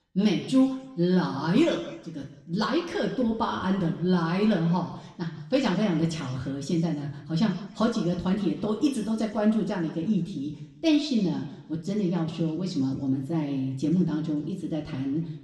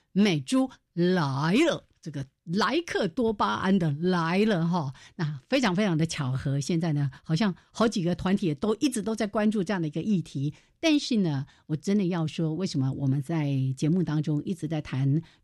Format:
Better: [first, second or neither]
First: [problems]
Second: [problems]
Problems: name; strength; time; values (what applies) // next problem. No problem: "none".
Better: second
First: room echo; slight; dies away in 0.9 s // off-mic speech; far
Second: none